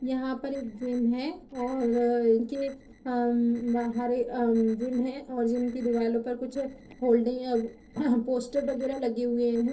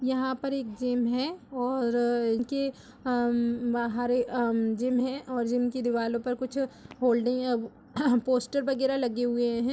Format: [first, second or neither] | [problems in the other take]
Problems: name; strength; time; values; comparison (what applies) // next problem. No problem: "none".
second | noise reduction (neural separator model SepFormer DNS4)